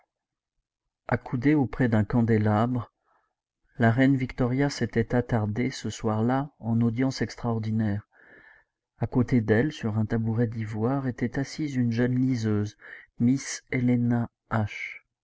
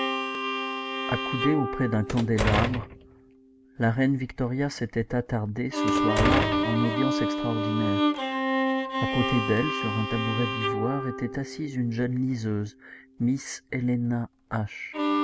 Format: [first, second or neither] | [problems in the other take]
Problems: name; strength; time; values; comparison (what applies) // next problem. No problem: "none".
first | background sound (Door + Bowed string instrument); 1 dB below the speech